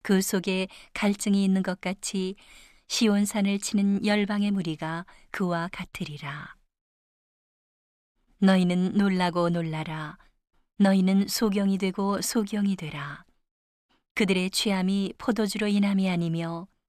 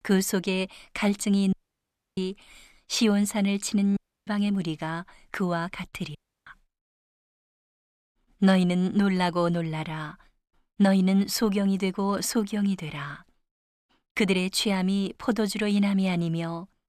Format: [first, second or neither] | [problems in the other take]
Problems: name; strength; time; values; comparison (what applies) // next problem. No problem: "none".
first | audio cutting out; at 1.5 s for 0.5 s, at 4 s and at 6 s